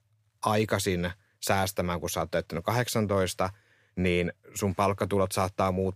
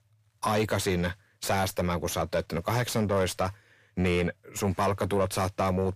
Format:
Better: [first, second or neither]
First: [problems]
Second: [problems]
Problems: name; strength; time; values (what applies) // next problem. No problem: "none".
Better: first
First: none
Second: distortion; slight; 10 dB below the speech